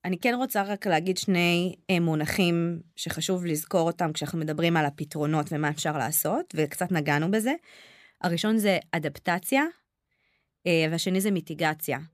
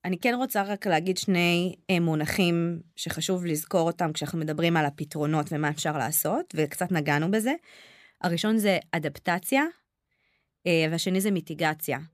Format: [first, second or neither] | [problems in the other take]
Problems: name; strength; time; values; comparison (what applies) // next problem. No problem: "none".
neither | none